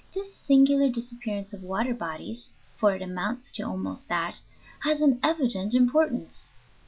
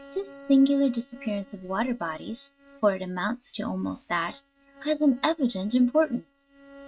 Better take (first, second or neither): first